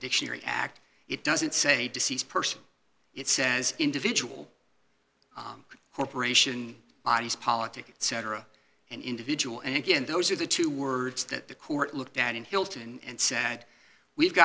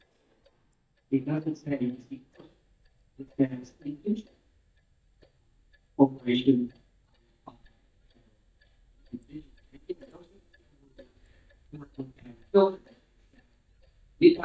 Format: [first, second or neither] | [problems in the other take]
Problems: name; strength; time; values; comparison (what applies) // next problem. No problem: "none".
first | noise reduction (neural mask model DeepFilterNet 3)